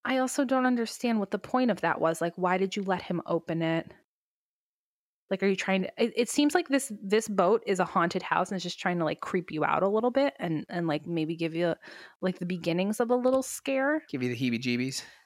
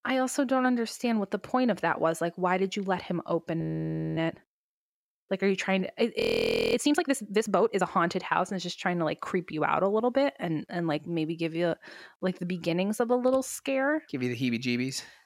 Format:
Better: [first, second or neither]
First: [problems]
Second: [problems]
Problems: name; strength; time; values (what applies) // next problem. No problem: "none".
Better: first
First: none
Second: audio freezing; at 3.5 s for 0.5 s and at 6 s for 0.5 s